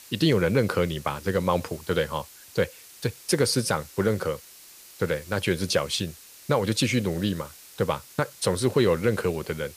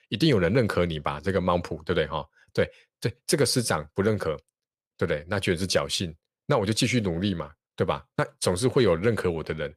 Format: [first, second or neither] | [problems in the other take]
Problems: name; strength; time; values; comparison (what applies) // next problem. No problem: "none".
second | hiss; noticeable; throughout; 20 dB below the speech